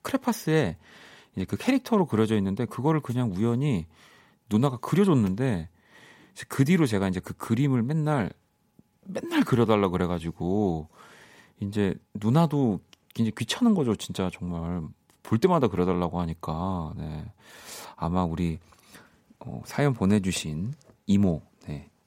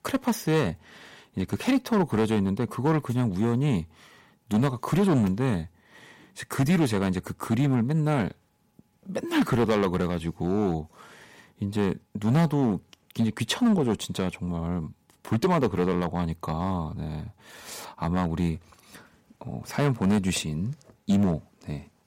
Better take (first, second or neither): first